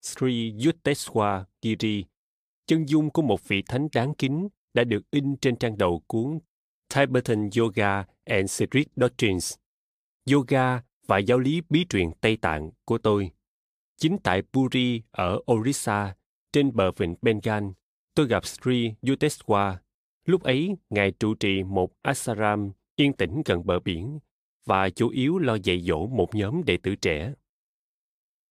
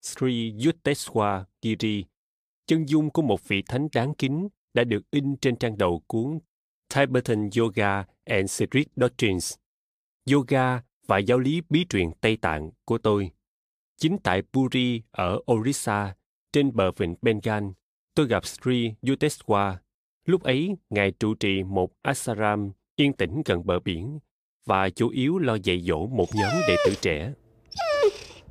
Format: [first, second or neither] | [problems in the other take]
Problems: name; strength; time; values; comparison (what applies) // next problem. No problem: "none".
first | dog barking; loud; from 26 s on; peak 3 dB above the speech